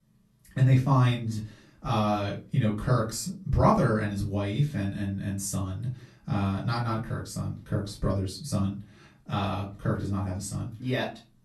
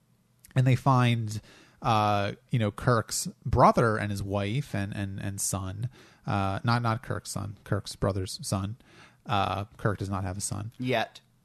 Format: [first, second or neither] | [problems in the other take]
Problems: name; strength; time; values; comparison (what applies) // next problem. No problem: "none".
second | off-mic speech; far // room echo; very slight; dies away in 0.3 s